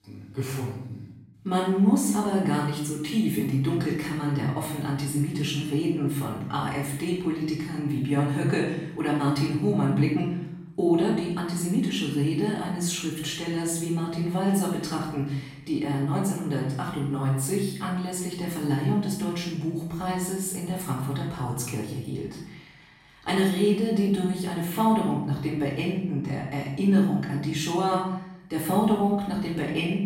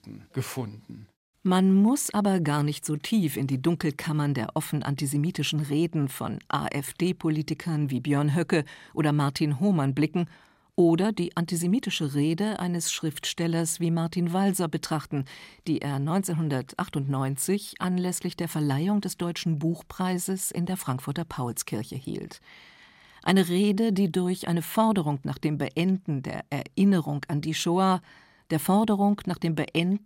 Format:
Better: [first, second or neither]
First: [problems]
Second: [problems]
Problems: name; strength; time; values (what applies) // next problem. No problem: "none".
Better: second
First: off-mic speech; far // room echo; noticeable; dies away in 0.7 s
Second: none